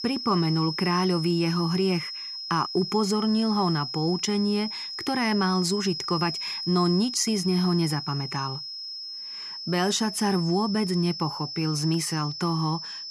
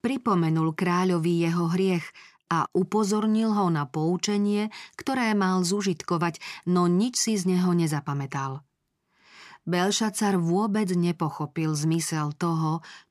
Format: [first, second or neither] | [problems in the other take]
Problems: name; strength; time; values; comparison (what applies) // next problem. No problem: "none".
second | high-pitched whine; loud; throughout; 5 kHz, 6 dB below the speech